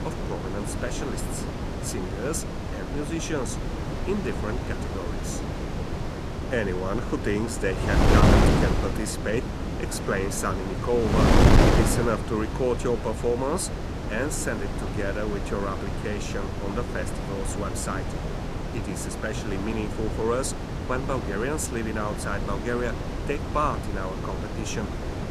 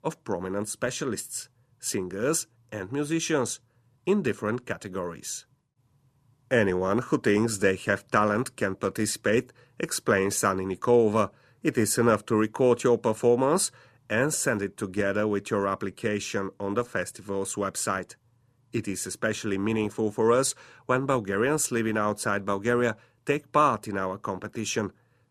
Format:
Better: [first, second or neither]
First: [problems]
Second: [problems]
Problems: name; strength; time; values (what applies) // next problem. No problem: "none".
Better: second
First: wind noise on the microphone; heavy; 1 dB below the speech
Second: none